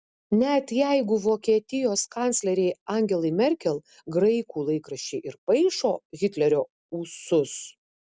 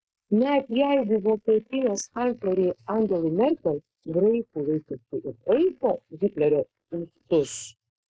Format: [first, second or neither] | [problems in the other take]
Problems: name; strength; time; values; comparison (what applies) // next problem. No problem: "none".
first | noise reduction (neural mask model Resemble Enhance denoiser)